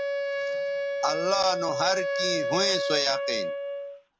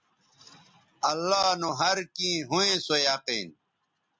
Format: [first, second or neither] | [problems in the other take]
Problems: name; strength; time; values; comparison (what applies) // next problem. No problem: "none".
second | background sound (Wind instrument, woodwind instrument); 1 dB above the speech